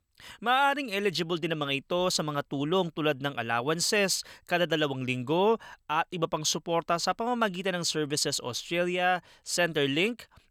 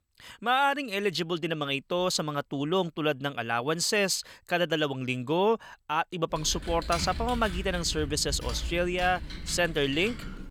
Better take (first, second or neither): first